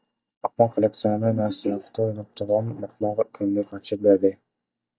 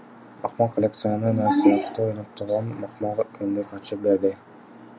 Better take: second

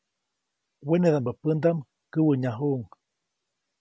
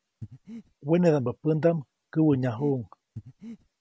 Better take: first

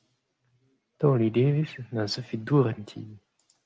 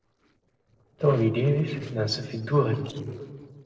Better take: first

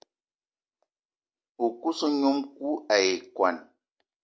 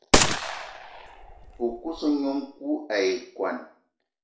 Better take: first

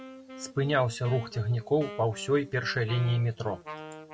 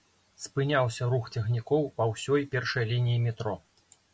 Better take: second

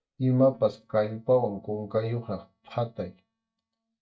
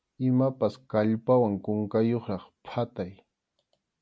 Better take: second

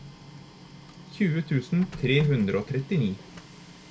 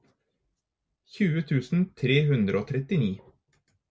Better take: second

